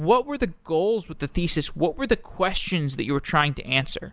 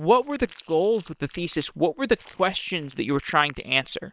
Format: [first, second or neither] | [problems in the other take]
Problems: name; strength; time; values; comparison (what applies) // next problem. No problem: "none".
first | noise reduction (neural separator model SepFormer WHAM!)